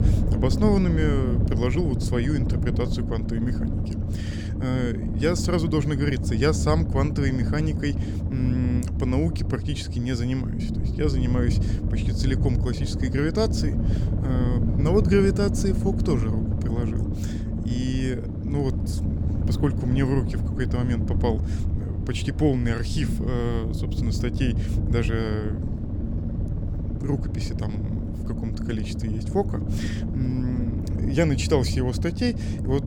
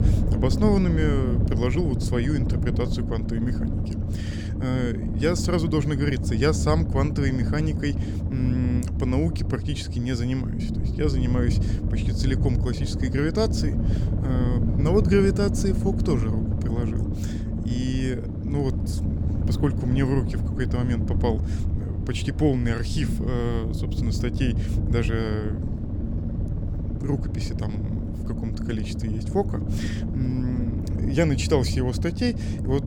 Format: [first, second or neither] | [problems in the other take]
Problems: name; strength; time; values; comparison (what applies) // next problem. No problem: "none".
neither | low rumble; loud; throughout; 7 dB below the speech; the same in both